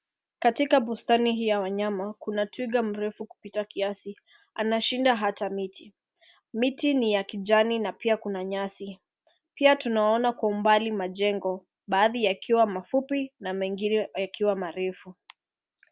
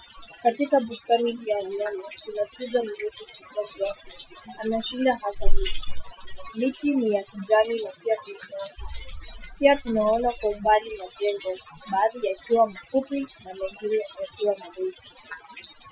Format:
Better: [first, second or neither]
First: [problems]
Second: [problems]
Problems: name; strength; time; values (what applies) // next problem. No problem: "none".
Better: first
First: none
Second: noise reduction (classical method Wiener filter)